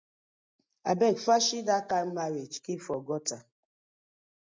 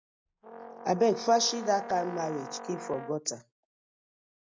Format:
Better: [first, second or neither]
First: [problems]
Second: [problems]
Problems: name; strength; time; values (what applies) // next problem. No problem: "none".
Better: first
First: none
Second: background sound (Brass instrument); 12 dB below the speech